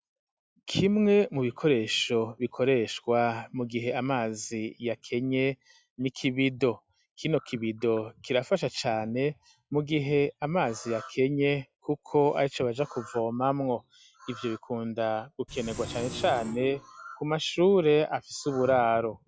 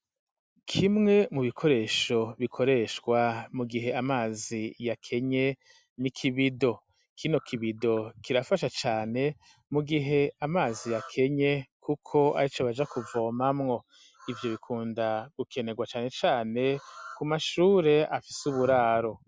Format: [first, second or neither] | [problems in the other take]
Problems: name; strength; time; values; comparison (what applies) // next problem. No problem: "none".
second | noise reduction (classical method log-MMSE)